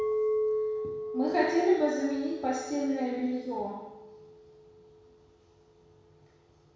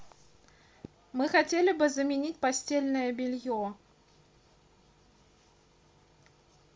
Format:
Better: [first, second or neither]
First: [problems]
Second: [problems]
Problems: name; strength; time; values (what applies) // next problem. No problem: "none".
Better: second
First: background sound (Chink, clink); 3 dB below the speech // room echo; dies away in 1.1 s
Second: none